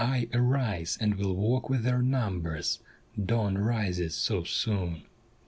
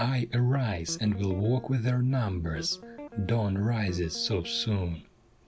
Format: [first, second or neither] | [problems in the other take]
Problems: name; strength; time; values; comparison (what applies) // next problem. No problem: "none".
first | background sound (Guitar); 16 dB below the speech